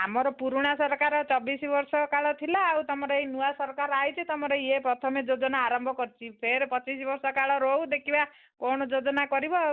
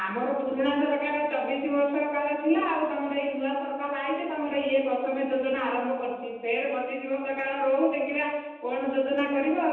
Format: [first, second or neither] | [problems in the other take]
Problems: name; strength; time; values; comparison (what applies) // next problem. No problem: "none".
first | room echo; dies away in 1.1 s